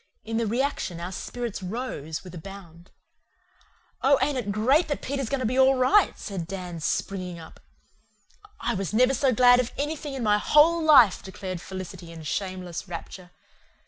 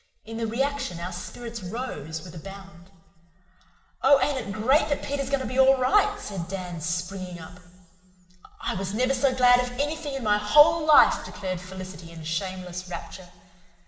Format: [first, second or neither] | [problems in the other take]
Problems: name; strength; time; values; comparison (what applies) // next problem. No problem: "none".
first | room echo; dies away in 2.5 s